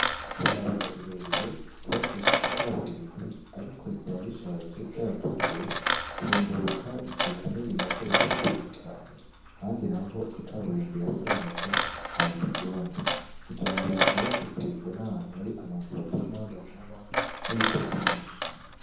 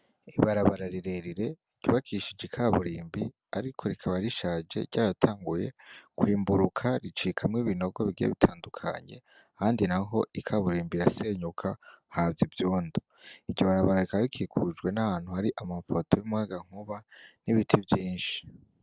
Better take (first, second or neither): second